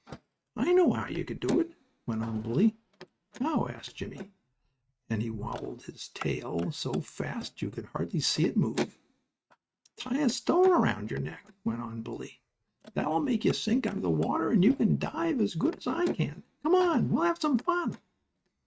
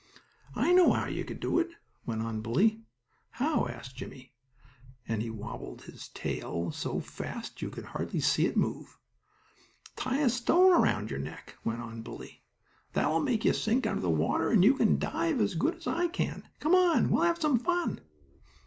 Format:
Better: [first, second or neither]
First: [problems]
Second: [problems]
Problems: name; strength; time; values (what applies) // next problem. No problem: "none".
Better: second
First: noise reduction (neural mask model RNNoise)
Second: none